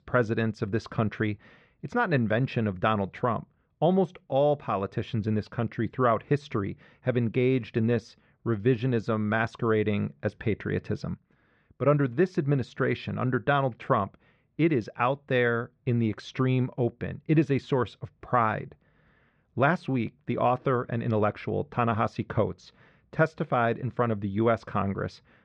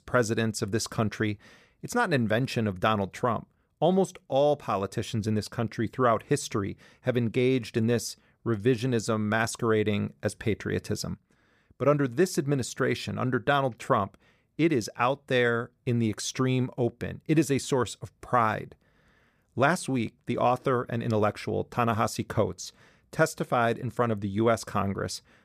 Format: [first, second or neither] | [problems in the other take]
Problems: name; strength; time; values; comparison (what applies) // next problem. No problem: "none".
second | muffled; slightly; fading above 3 kHz